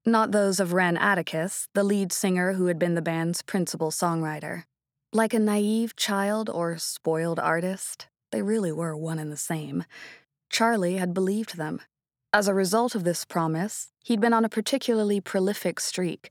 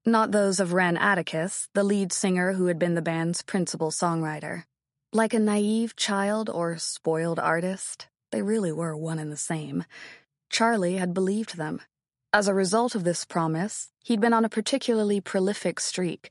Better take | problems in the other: first | garbled, watery; slightly; nothing above 10.5 kHz

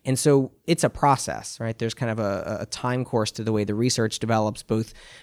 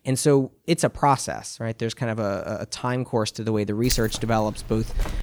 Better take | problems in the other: first | jangling keys; noticeable; from 4 s on; peak 7 dB below the speech

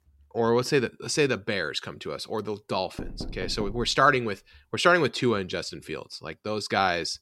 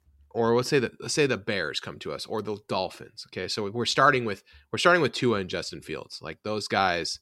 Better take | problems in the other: second | door banging; faint; at 3 s; peak 10 dB below the speech

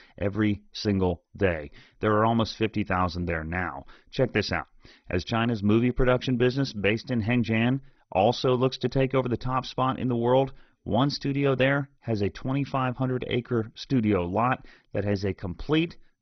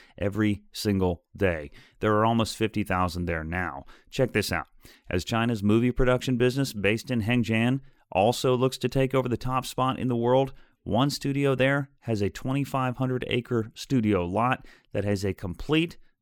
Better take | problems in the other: second | garbled, watery; badly; nothing above 6 kHz

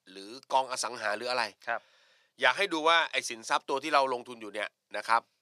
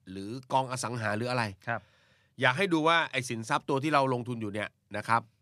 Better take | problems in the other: second | thin; very; fading below 550 Hz

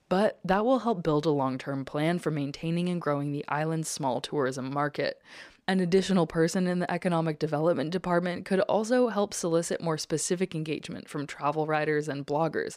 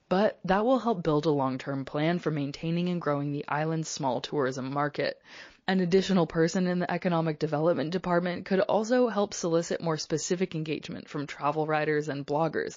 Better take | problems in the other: first | garbled, watery; slightly

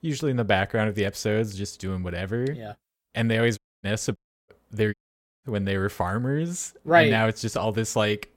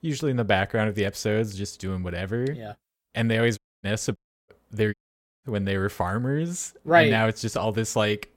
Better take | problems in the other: neither | audio cutting out; at 3.5 s, at 4 s and at 5 s; the same in both

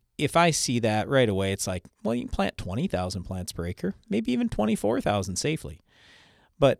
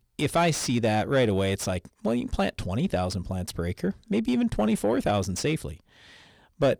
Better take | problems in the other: first | distortion; slight; 10 dB below the speech

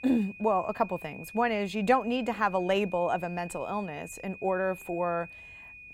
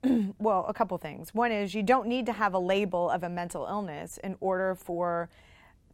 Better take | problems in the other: second | high-pitched whine; noticeable; throughout; 2.5 kHz, 15 dB below the speech

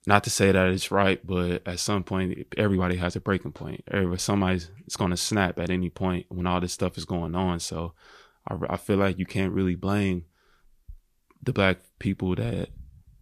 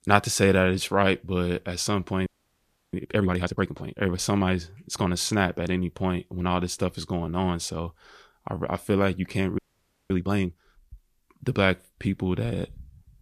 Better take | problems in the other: first | audio freezing; at 2.5 s for 0.5 s and at 9.5 s for 0.5 s

